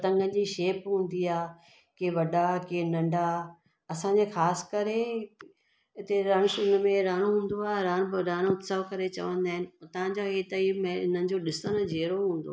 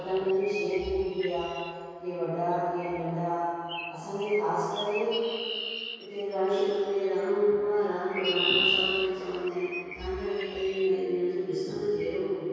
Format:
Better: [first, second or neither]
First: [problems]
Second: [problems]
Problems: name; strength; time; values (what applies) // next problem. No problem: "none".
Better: first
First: none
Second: background sound (Chirp, tweet); 7 dB below the speech // room echo; dies away in 2.2 s